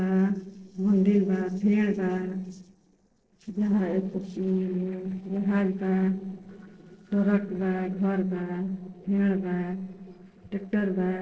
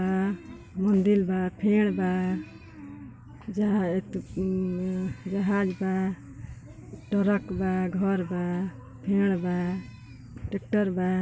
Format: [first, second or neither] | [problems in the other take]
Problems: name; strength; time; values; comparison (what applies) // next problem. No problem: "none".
second | noise reduction (neural separator model SepFormer DNS4)